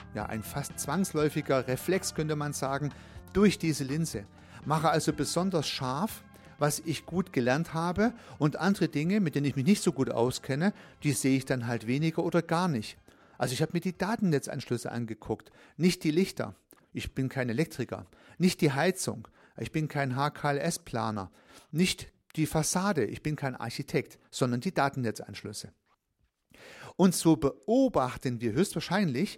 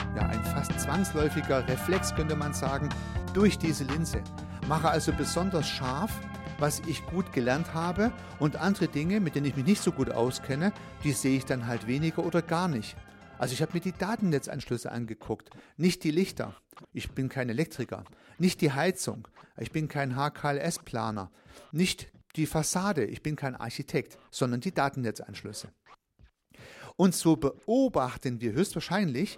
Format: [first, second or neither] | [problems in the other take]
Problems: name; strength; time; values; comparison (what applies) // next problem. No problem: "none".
first | background music; loud; throughout; 8 dB below the speech; faint in the first